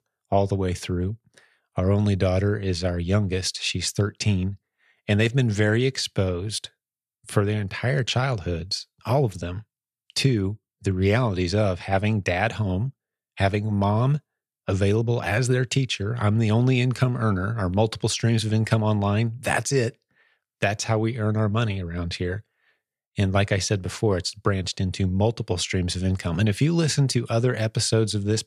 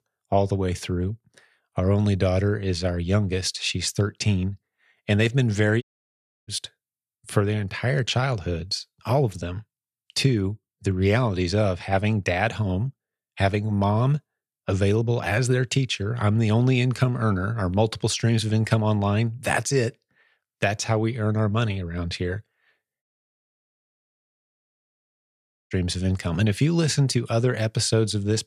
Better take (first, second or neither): first